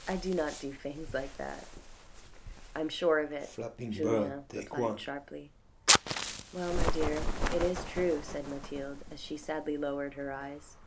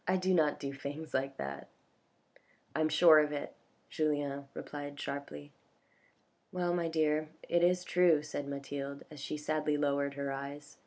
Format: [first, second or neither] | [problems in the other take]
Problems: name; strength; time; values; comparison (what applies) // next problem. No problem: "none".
second | background sound (Fire + Bird); 1 dB above the speech